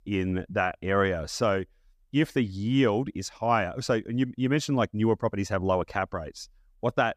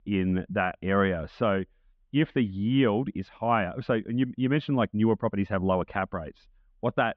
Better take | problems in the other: first | muffled; very; fading above 3.5 kHz

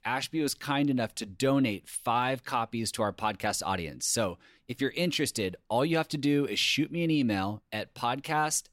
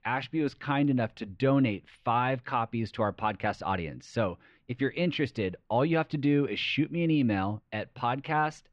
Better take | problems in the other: first | muffled; very; fading above 3 kHz

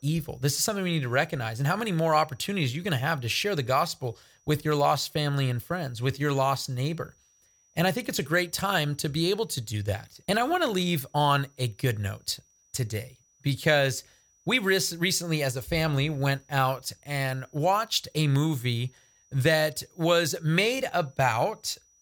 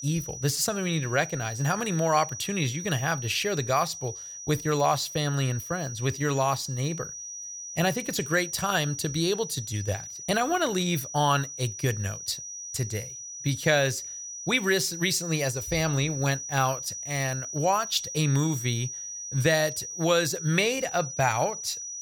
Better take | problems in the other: first | high-pitched whine; loud; throughout; 6 kHz, 8 dB below the speech; faint in the first

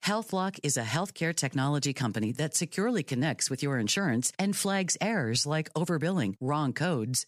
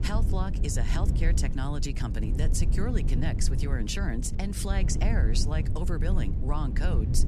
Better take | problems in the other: first | low rumble; loud; throughout; 7 dB below the speech

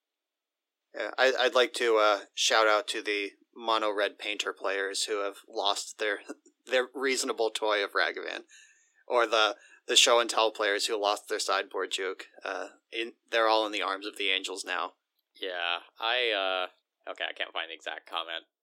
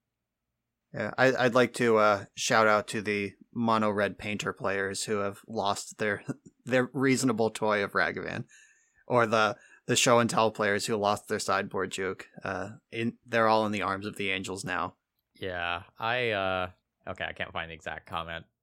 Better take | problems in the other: second | thin; very; fading below 300 Hz

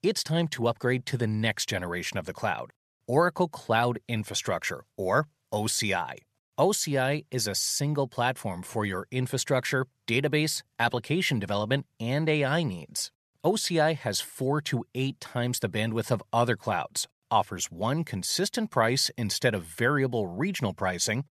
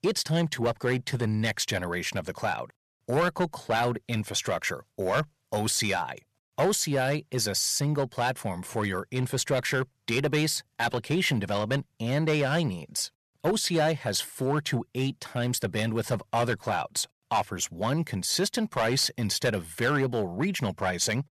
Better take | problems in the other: first | distortion; slight; 5% of the sound clipped

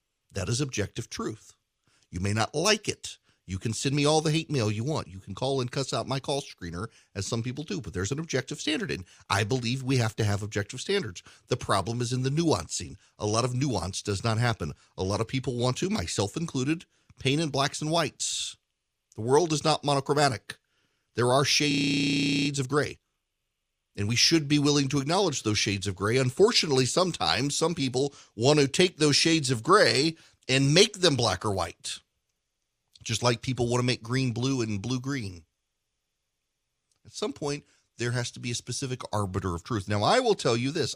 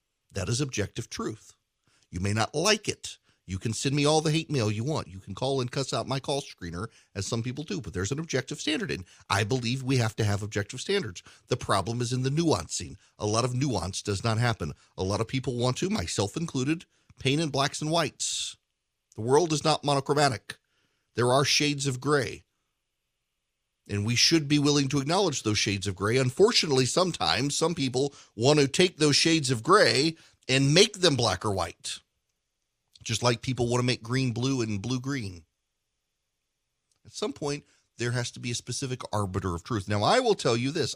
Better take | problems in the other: second | audio freezing; at 22 s for 1 s

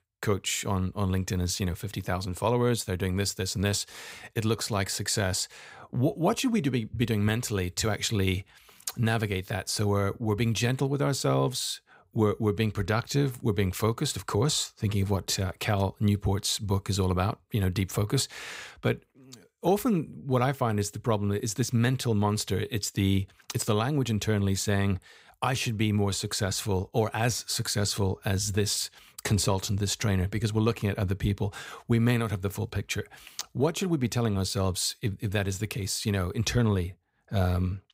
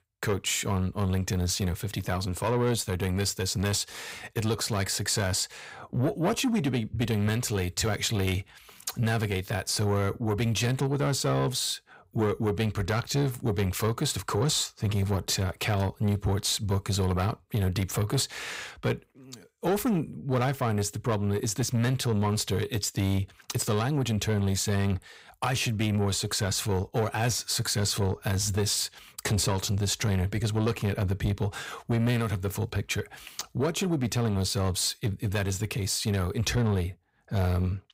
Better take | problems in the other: first | distortion; slight; 10 dB below the speech

